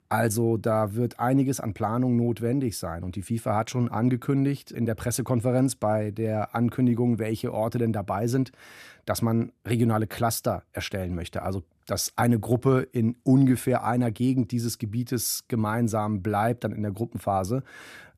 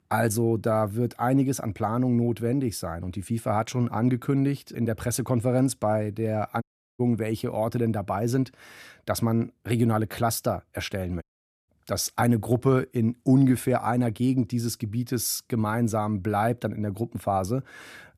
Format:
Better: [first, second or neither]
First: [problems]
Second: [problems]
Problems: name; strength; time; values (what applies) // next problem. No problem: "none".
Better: first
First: none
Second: audio cutting out; at 6.5 s and at 11 s